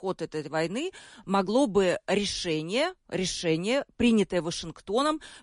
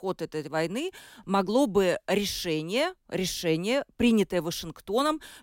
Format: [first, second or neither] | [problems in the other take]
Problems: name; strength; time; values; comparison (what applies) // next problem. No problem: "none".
second | garbled, watery; slightly; nothing above 10.5 kHz